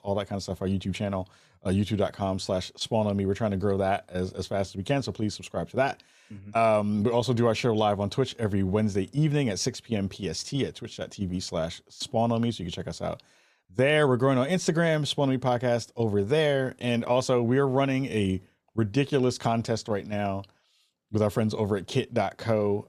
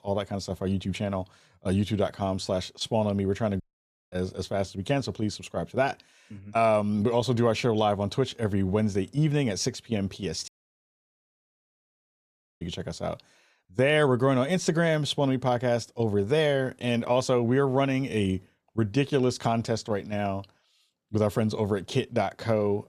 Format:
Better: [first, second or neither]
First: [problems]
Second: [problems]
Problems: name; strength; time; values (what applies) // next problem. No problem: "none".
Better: first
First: none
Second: audio cutting out; at 3.5 s for 0.5 s and at 10 s for 2 s